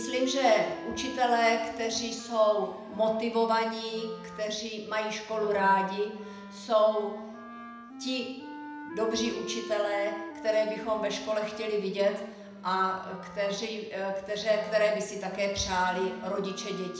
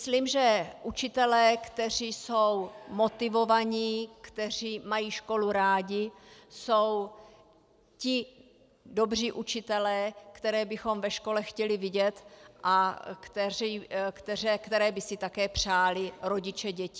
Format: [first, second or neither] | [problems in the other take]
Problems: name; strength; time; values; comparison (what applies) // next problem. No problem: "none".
second | background sound (Wind instrument, woodwind instrument); 14 dB below the speech // room echo; dies away in 0.8 s